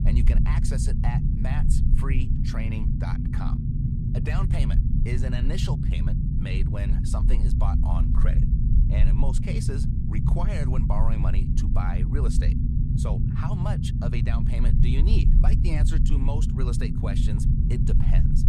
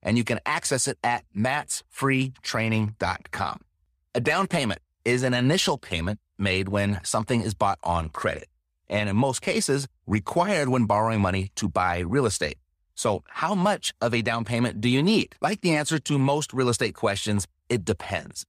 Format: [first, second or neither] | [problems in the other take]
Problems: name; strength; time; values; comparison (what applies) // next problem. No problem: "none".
second | low rumble; loud; throughout; as loud as the speech